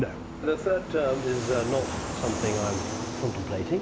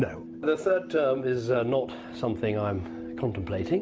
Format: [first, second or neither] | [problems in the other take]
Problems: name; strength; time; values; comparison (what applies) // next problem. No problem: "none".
second | background sound (Fixed-wing aircraft, airplane); 6 dB below the speech